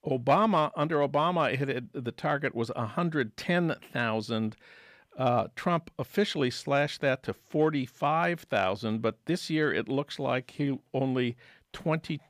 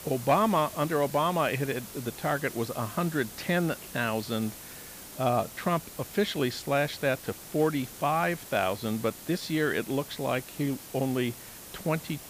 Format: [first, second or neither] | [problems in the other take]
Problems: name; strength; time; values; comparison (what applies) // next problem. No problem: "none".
first | hiss; noticeable; throughout; 15 dB below the speech